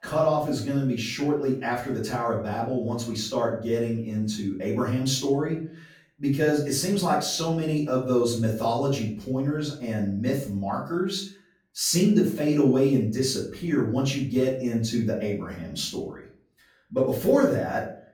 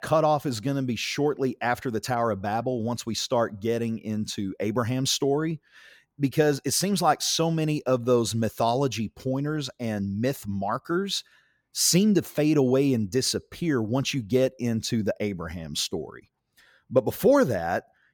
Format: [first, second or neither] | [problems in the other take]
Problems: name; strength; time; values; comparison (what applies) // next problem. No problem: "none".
second | off-mic speech; far // room echo; noticeable; dies away in 0.4 s